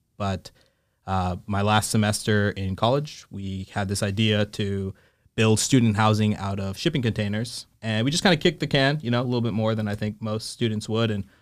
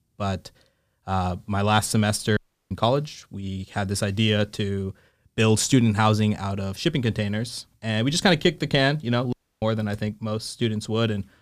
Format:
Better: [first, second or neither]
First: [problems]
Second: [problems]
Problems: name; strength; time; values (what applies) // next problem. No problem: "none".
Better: first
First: none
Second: audio cutting out; at 2.5 s and at 9.5 s